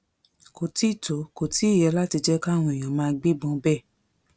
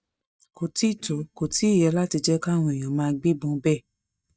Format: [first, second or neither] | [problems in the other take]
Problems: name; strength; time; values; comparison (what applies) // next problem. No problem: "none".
first | noise reduction (neural mask model DeepFilterNet 3)